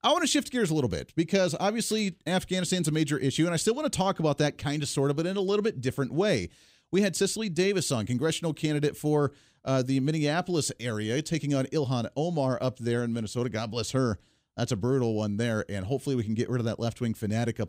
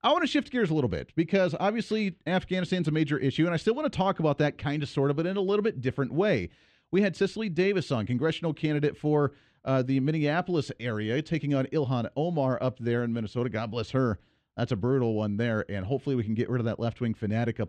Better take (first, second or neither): first